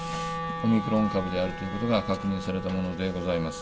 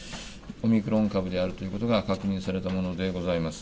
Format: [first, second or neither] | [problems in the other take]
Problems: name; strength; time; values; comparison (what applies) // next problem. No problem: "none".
second | background sound (Wind instrument, woodwind instrument); 8 dB below the speech